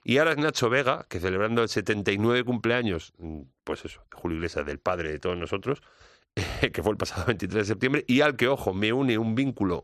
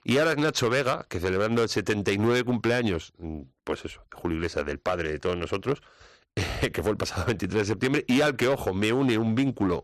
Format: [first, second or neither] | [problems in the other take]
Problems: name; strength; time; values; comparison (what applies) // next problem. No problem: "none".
first | distortion; slight; 6% of the sound clipped